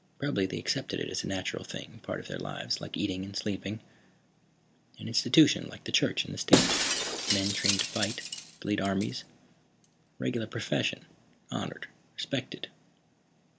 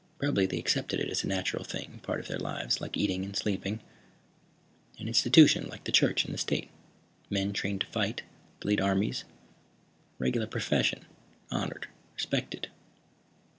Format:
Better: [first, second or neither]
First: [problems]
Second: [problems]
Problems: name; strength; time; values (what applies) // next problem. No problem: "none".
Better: second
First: background sound (Shatter); 1 dB above the speech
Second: none